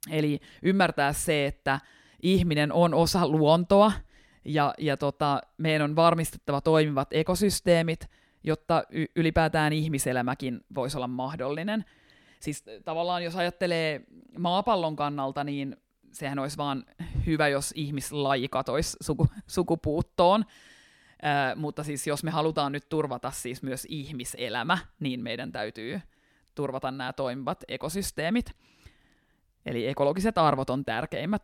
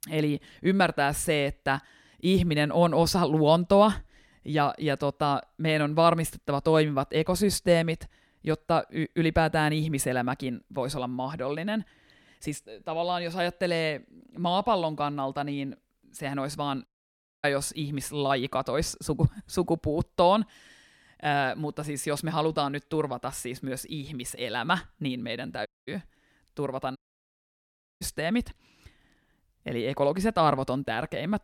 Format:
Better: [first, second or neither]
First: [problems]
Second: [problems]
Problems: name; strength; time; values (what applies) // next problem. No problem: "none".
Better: first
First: none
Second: audio cutting out; at 17 s for 0.5 s, at 26 s and at 27 s for 1 s